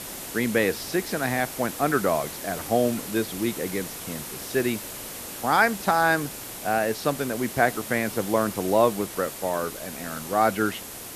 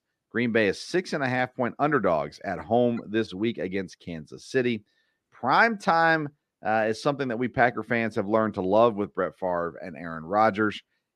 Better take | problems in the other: second | hiss; loud; throughout; 9 dB below the speech

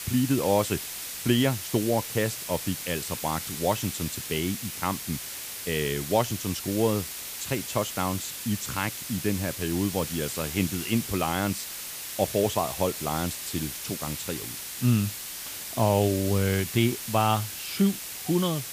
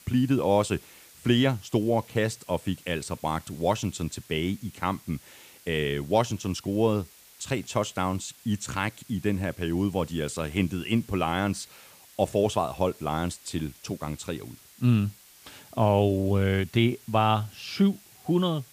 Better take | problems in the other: second | hiss; loud; throughout; 6 dB below the speech; faint in the second

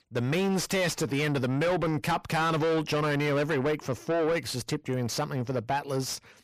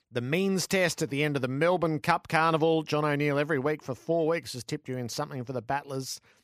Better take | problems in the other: second | distortion; heavy; 6 dB below the speech

